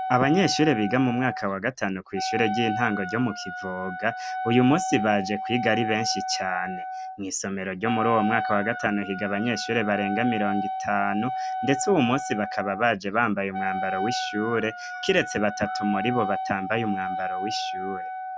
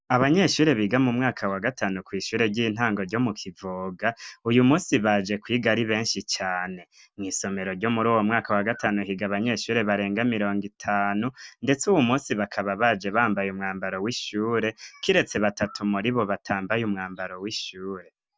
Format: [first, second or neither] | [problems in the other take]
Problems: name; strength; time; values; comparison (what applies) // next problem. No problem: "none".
second | background sound (Wind instrument, woodwind instrument); 5 dB below the speech